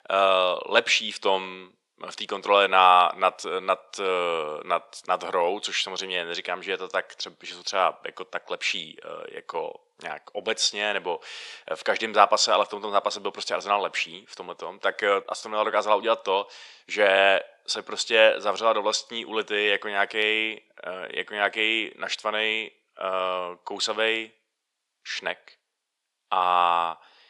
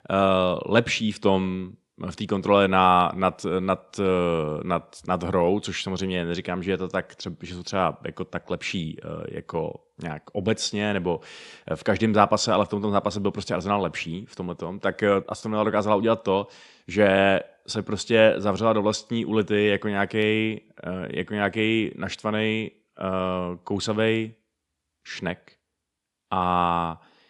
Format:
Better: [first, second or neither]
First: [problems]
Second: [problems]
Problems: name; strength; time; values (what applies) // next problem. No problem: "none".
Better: second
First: thin; very; fading below 650 Hz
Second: none